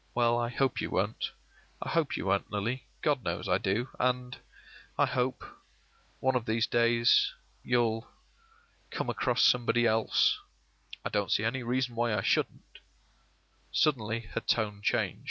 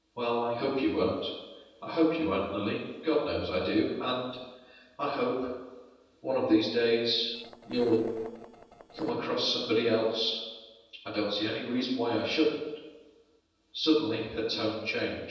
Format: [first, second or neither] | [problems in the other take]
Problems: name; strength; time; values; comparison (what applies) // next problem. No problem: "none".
first | noise reduction (neural separator model SepFormer DNS4)